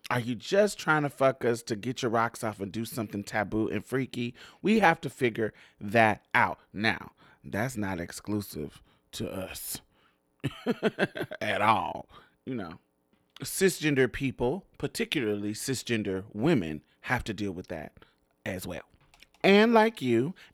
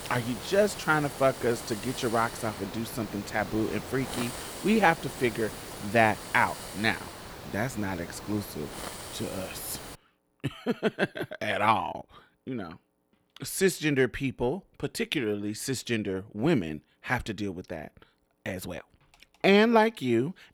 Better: first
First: none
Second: hiss; noticeable; until 10 s; 10 dB below the speech

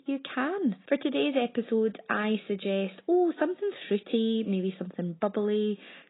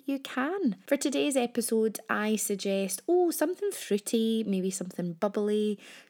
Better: second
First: garbled, watery; badly; nothing above 4 kHz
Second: none

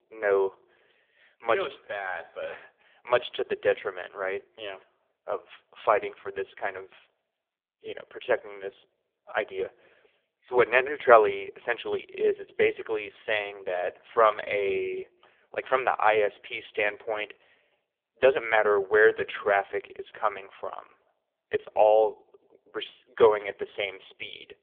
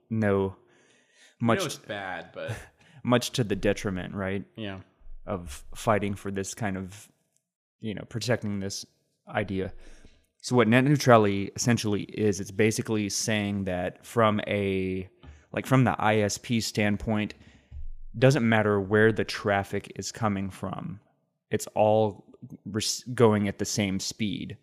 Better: second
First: phone-call audio; poor line; nothing above 3.5 kHz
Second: none

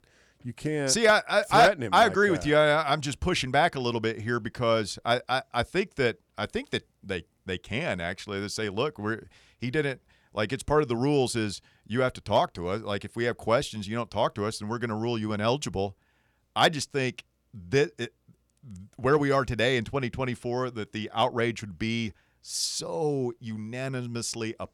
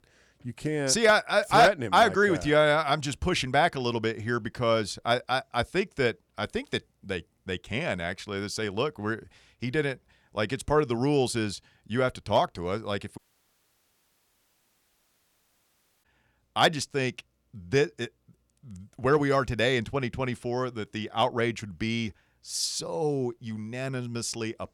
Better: first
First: none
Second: audio cutting out; at 13 s for 3 s

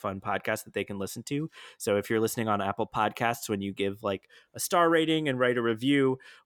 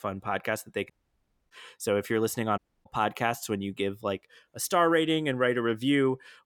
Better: first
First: none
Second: audio cutting out; at 1 s for 0.5 s and at 2.5 s

